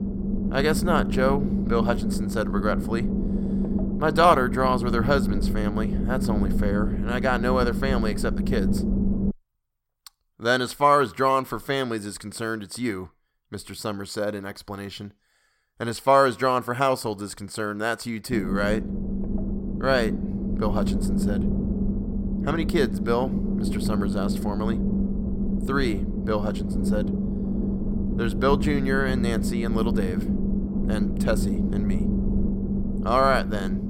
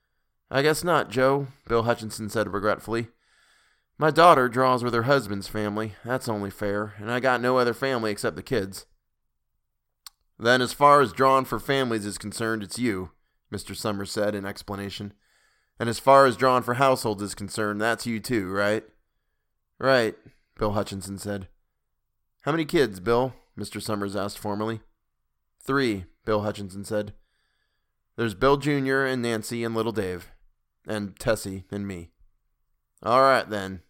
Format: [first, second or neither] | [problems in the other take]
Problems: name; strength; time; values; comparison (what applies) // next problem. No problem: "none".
second | low rumble; loud; until 9.5 s and from 18 s on; 9 dB below the speech